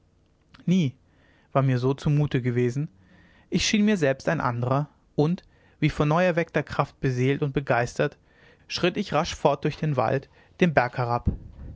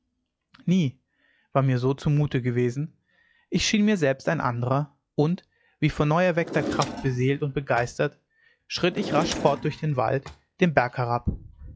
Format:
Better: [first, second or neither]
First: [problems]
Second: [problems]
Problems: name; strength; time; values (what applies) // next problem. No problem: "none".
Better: first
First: none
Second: noise reduction (classical method log-MMSE)